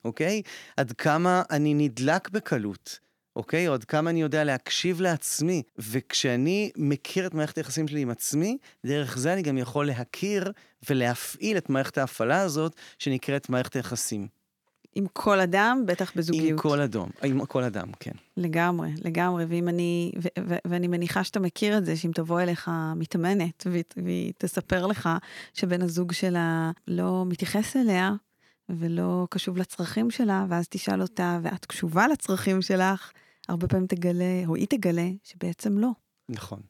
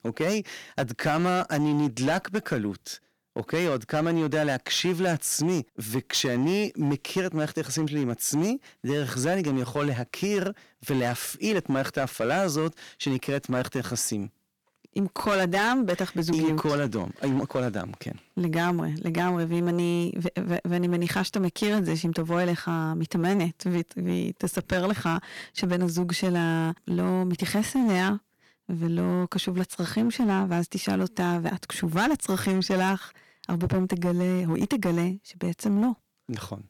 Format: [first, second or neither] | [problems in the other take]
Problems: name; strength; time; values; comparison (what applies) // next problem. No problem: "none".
first | distortion; slight; 9% of the sound clipped